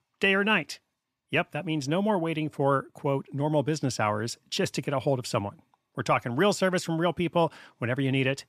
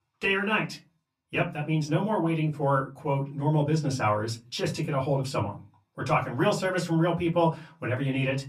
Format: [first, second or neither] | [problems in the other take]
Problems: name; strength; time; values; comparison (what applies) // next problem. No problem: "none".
first | off-mic speech; far // room echo; very slight; dies away in 0.3 s